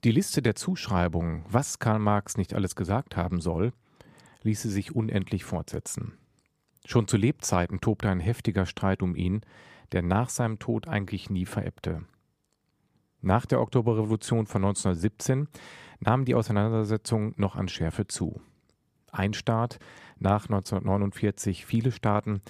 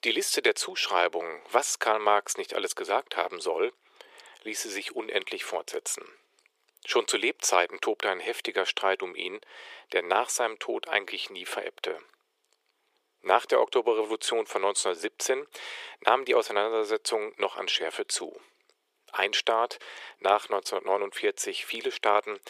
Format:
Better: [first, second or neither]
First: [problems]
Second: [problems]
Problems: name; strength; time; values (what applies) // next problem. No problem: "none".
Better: first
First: none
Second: thin; very; fading below 400 Hz